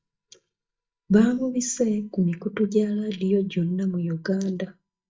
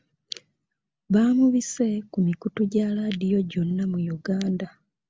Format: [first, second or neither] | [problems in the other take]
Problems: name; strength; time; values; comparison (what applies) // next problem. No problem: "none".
second | noise reduction (neural mask model DeepFilterNet 3)